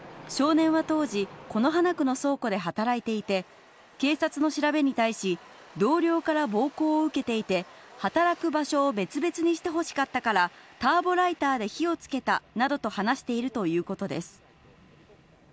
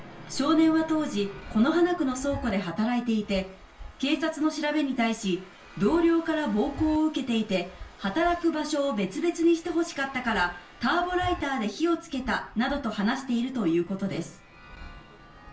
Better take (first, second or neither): first